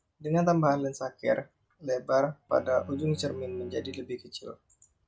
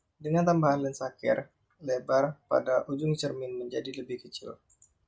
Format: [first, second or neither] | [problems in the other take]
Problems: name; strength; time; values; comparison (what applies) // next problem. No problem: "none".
second | background sound (Bowed string instrument); 18 dB below the speech